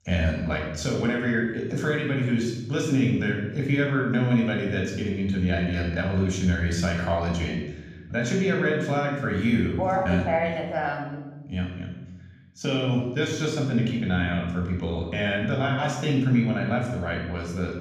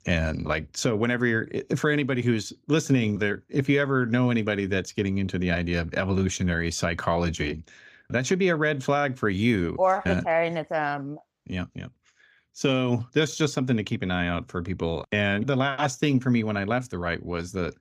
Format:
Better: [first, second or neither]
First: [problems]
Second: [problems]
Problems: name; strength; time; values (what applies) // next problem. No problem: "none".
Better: second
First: off-mic speech; somewhat distant // room echo; noticeable; dies away in 1 s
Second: none